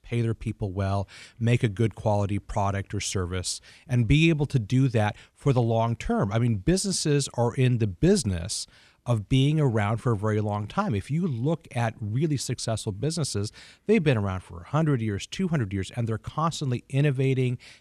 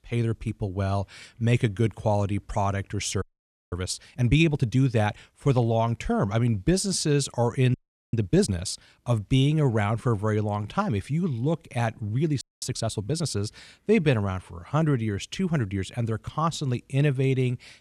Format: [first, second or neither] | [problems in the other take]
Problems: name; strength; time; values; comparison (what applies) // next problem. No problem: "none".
first | audio freezing; at 3 s for 0.5 s, at 7.5 s and at 12 s